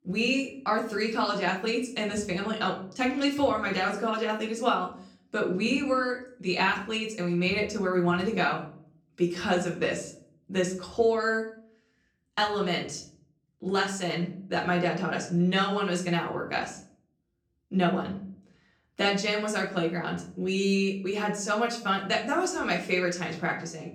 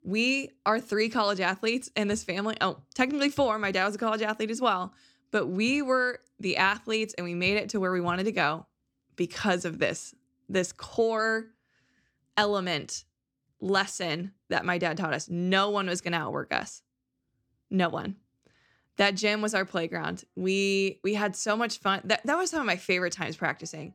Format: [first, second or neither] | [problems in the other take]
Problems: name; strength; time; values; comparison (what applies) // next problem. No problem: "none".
second | room echo; slight; dies away in 0.4 s // off-mic speech; far